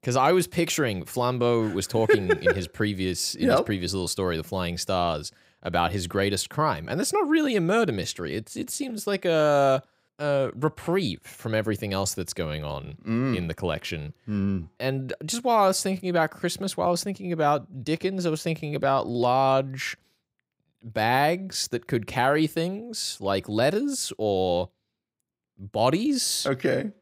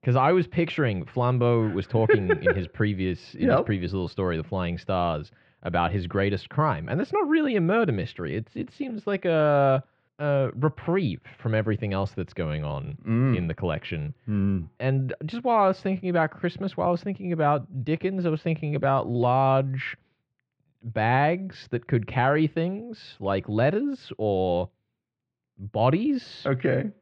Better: first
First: none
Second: muffled; very; fading above 3 kHz

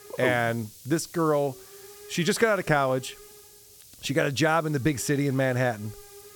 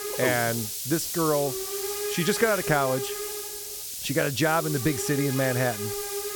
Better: first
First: hiss; faint; throughout; 20 dB below the speech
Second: hiss; loud; throughout; 4 dB below the speech

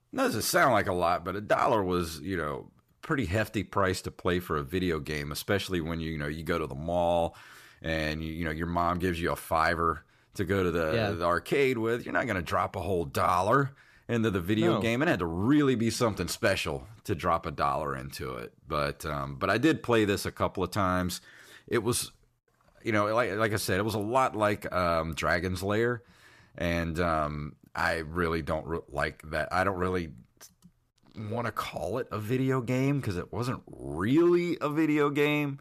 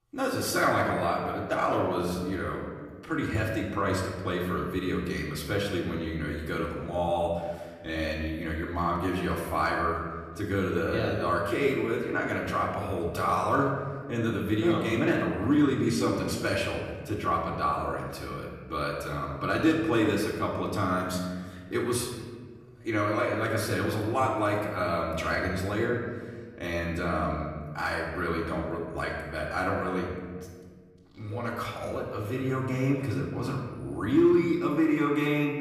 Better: first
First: none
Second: off-mic speech; far // room echo; noticeable; dies away in 1.5 s

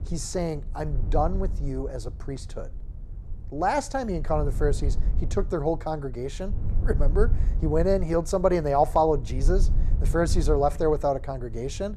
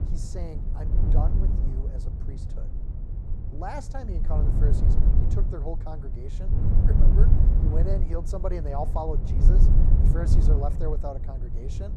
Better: first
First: low rumble; faint; throughout; 20 dB below the speech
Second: low rumble; loud; throughout; 4 dB below the speech

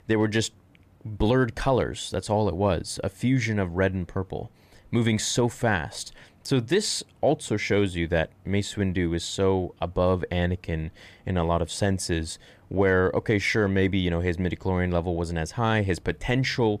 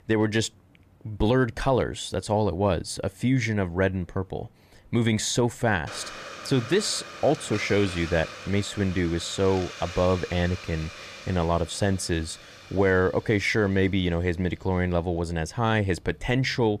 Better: first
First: none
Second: hiss; noticeable; from 6 s on; 15 dB below the speech

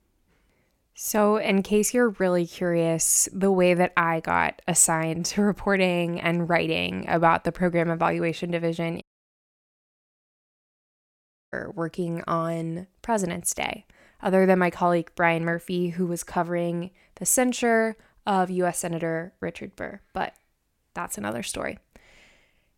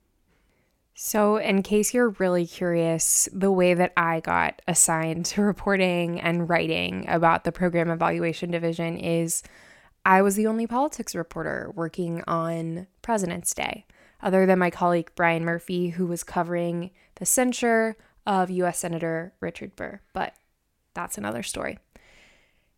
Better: second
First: audio cutting out; at 9 s for 2.5 s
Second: none

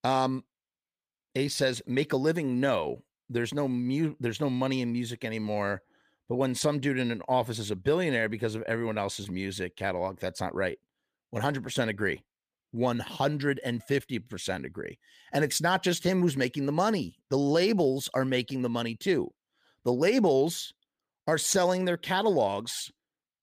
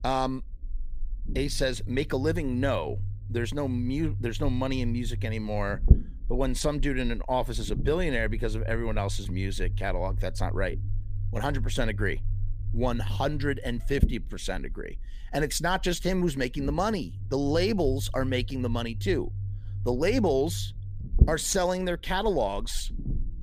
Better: first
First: none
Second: low rumble; noticeable; throughout; 15 dB below the speech

